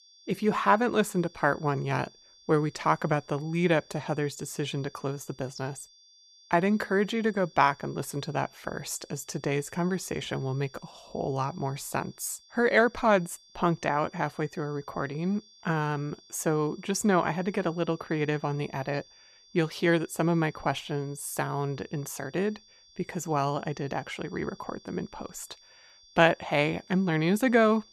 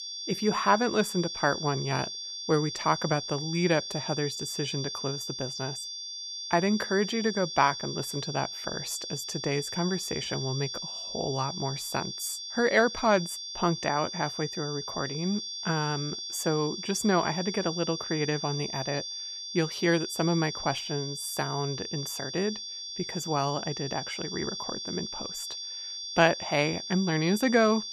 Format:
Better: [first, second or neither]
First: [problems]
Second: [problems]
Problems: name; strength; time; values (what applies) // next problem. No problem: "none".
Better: first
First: high-pitched whine; faint; throughout; 4.5 kHz, 25 dB below the speech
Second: high-pitched whine; loud; throughout; 4.5 kHz, 5 dB below the speech